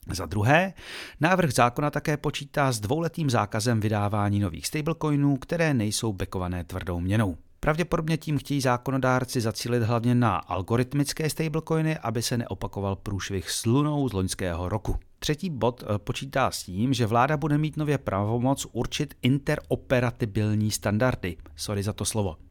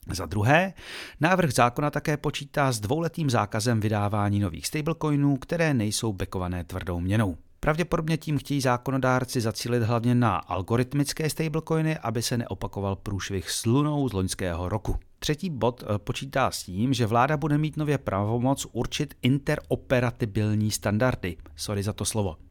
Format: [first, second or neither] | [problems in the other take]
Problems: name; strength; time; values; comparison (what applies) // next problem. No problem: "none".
neither | none